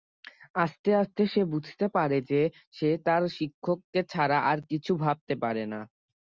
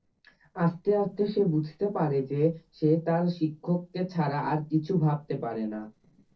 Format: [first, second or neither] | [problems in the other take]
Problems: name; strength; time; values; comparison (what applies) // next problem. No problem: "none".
first | noise reduction (neural separator model SepFormer DNS4)